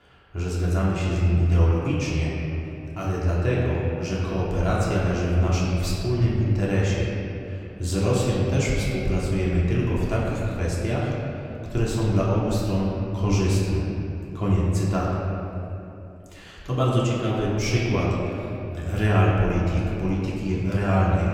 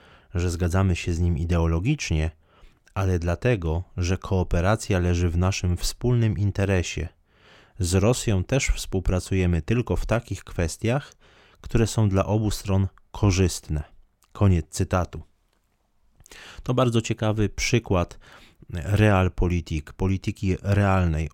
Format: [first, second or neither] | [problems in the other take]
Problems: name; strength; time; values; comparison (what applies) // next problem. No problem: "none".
second | room echo; noticeable; dies away in 2.7 s // off-mic speech; far